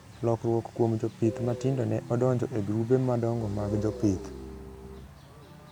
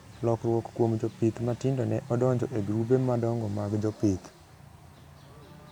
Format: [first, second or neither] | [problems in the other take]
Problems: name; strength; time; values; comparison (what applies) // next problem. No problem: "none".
second | background sound (Guitar + Bowed string instrument); 13 dB below the speech